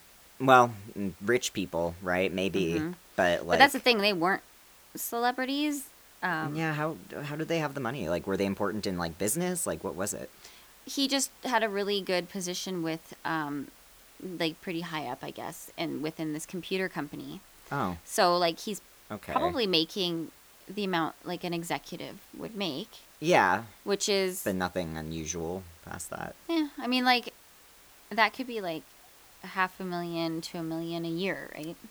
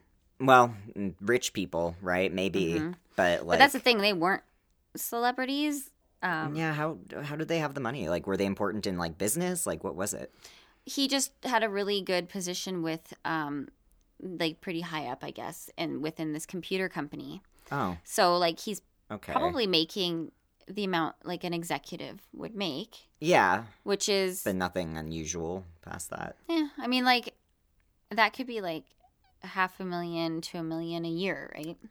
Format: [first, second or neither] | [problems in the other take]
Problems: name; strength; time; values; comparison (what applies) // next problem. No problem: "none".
second | hiss; faint; throughout; 25 dB below the speech